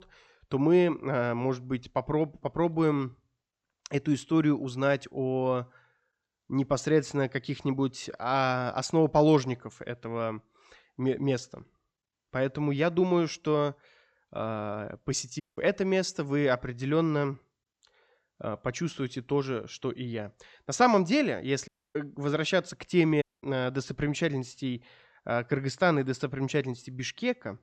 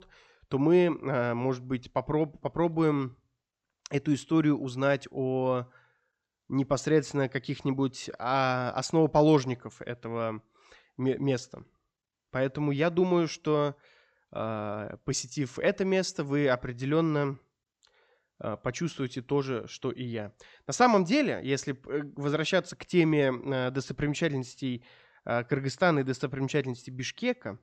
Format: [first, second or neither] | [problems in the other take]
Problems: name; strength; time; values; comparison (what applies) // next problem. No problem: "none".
second | audio cutting out; at 15 s, at 22 s and at 23 s